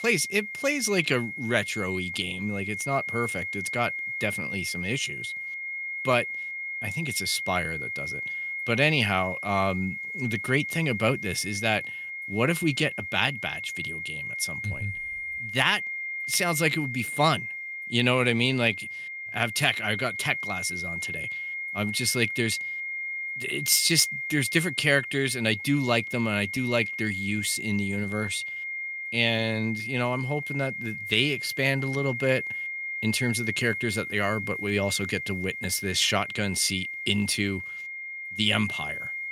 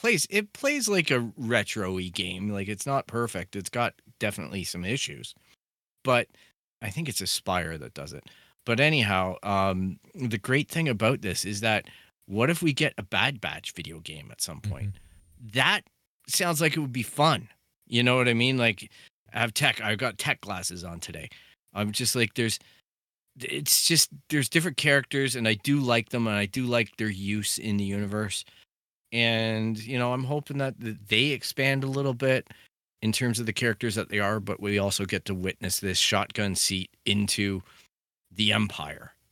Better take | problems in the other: second | high-pitched whine; loud; throughout; 2 kHz, 5 dB below the speech

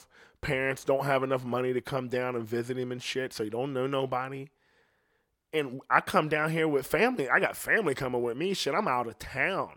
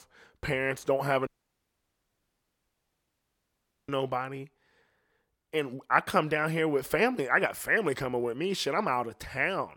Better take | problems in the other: first | audio cutting out; at 1.5 s for 2.5 s

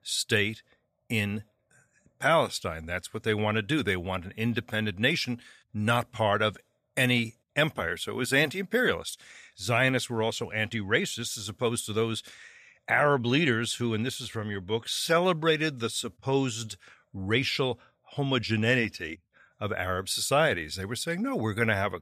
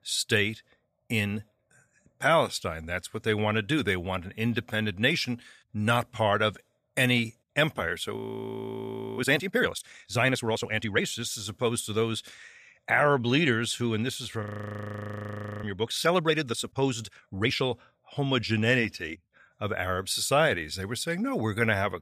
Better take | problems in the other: first | audio freezing; at 8 s for 1 s and at 14 s for 1 s

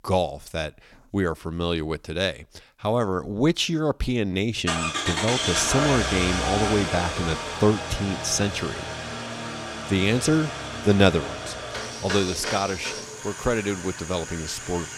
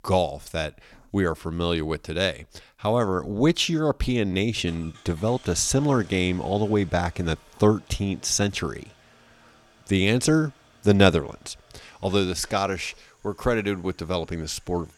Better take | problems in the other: second | traffic noise; loud; from 4.5 s on; 4 dB below the speech; faint in the second

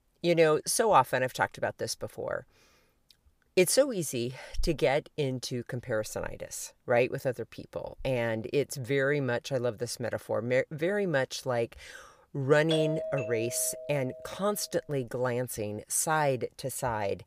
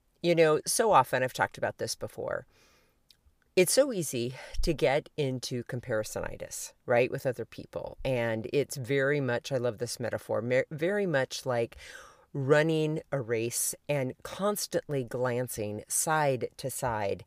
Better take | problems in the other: second | doorbell; noticeable; from 13 to 14 s; peak 2 dB below the speech

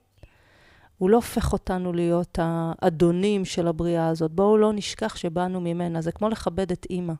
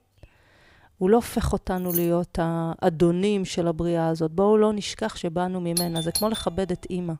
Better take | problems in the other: first | jangling keys; noticeable; at 2 s; peak 5 dB below the speech // doorbell; noticeable; at 6 s; peak 4 dB below the speech

